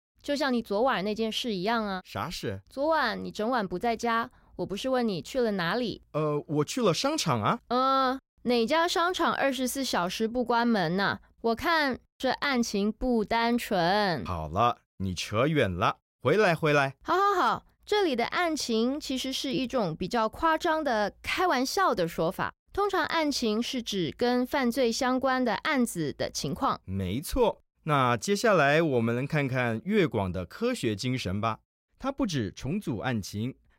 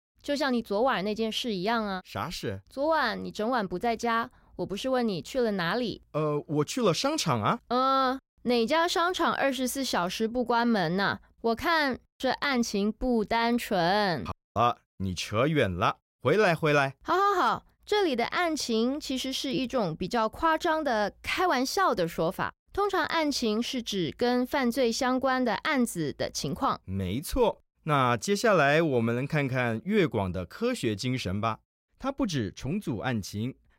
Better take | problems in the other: first | audio cutting out; at 14 s

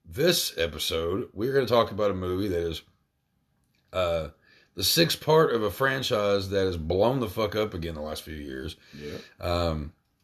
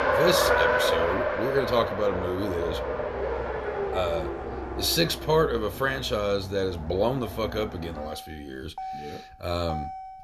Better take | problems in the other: first | traffic noise; loud; throughout; 2 dB below the speech

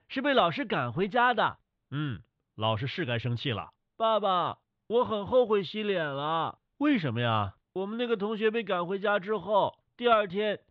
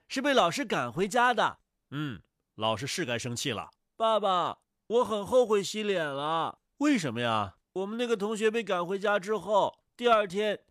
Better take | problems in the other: second | muffled; very; fading above 3.5 kHz

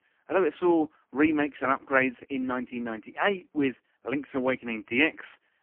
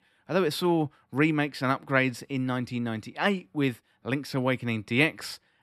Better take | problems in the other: second | phone-call audio; poor line; nothing above 3 kHz

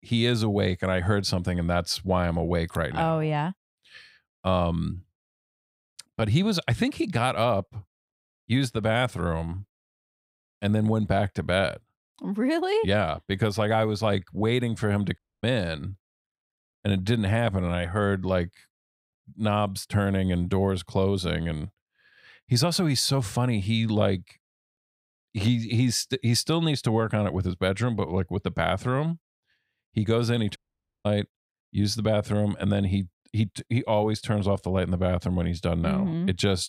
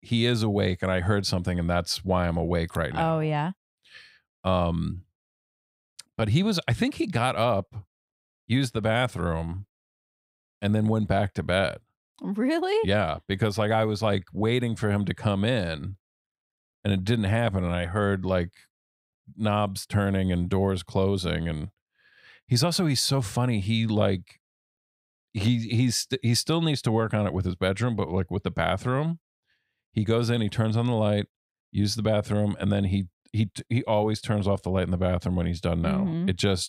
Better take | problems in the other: second | audio cutting out; at 15 s and at 31 s

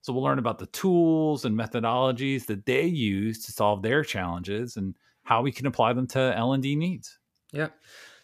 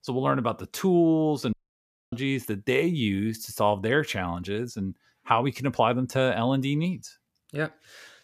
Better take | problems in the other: first | audio cutting out; at 1.5 s for 0.5 s

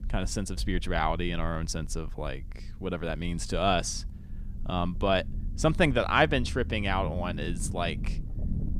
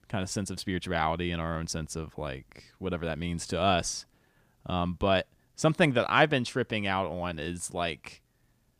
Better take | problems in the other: second | low rumble; faint; throughout; 20 dB below the speech

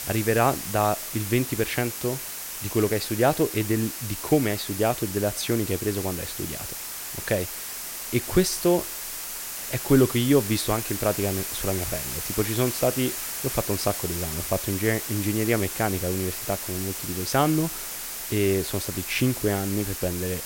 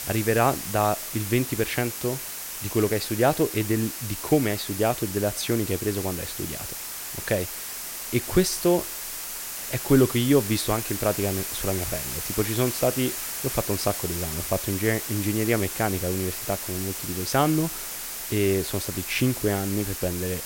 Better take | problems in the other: neither | hiss; loud; throughout; 5 dB below the speech; the same in both

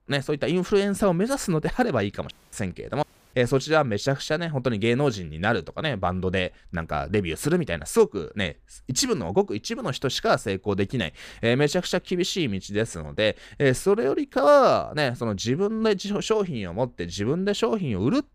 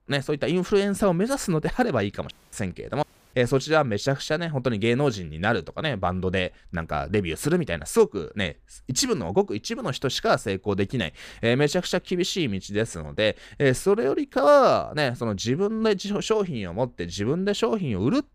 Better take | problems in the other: neither | audio cutting out; at 2.5 s and at 3 s; the same in both

